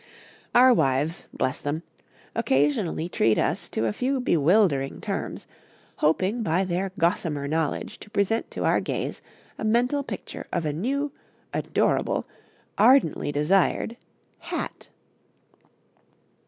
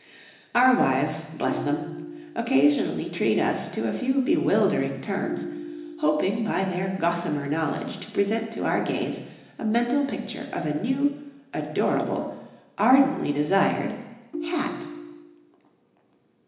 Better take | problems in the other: first | background sound (Ringtone); 10 dB below the speech // room echo; dies away in 1 s

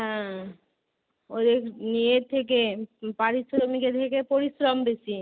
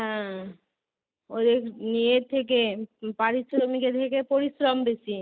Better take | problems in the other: first | noise reduction (neural mask model Resemble Enhance denoiser)

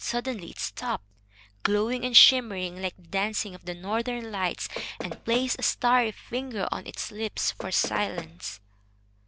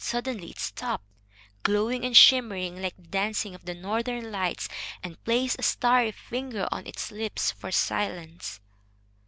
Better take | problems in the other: second | background sound (Knock); 11 dB below the speech

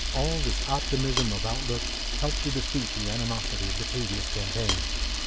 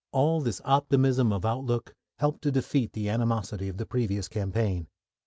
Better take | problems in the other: second | background sound (Camera); 3 dB above the speech

